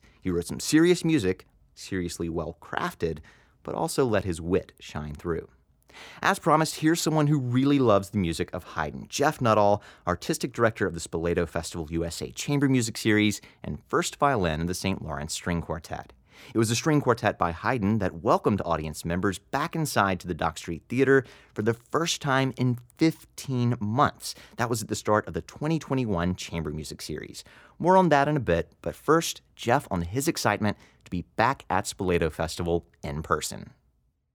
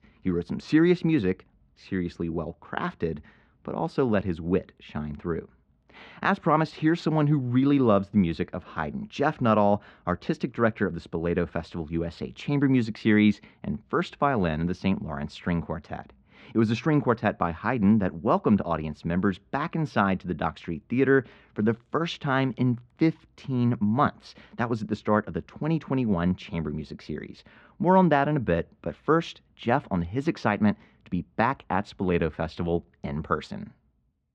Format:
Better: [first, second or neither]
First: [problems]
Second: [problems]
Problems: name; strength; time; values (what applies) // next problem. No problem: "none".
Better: first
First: none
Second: muffled; slightly; fading above 3.5 kHz